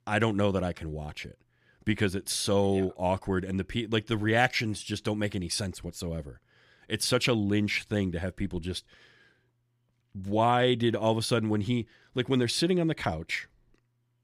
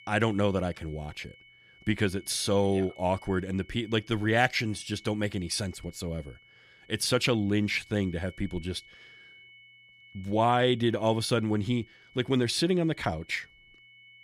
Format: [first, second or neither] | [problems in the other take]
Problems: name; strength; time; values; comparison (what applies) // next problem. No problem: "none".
first | high-pitched whine; faint; throughout; 2 kHz, 25 dB below the speech